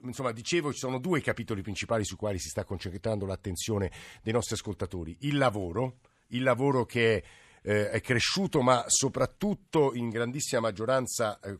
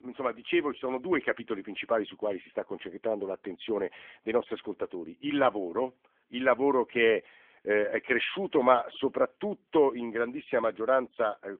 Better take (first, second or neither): first